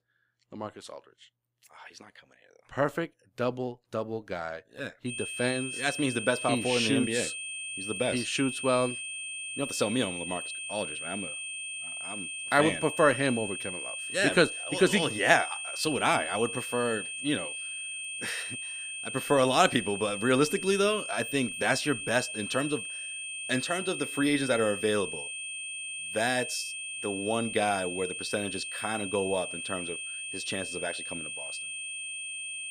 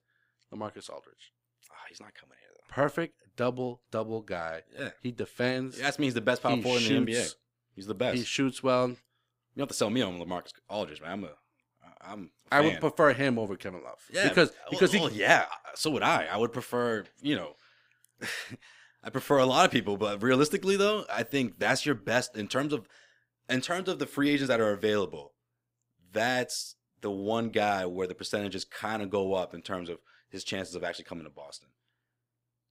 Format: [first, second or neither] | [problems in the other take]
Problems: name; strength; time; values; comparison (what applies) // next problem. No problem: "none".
second | high-pitched whine; loud; from 5 s on; 2.5 kHz, 6 dB below the speech